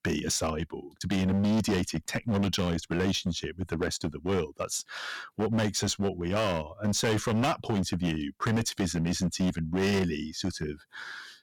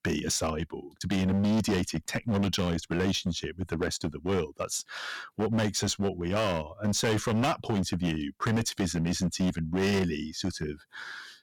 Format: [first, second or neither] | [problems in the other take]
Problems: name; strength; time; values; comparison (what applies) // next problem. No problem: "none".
neither | distortion; heavy; 13% of the sound clipped; the same in both